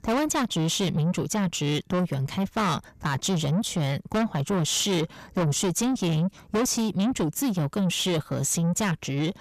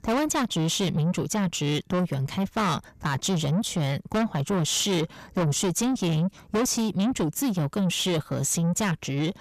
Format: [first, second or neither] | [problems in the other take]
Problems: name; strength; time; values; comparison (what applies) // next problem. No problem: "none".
neither | distortion; heavy; 6 dB below the speech; the same in both